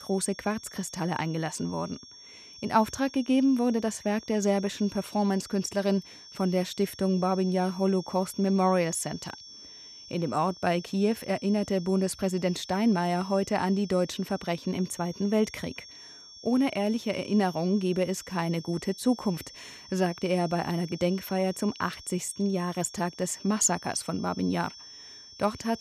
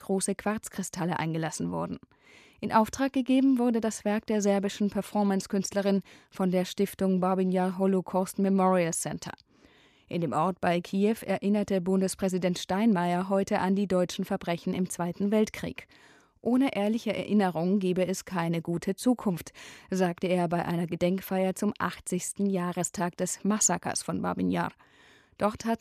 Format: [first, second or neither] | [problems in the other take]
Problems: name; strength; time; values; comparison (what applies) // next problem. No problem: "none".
second | high-pitched whine; noticeable; throughout; 5.5 kHz, 15 dB below the speech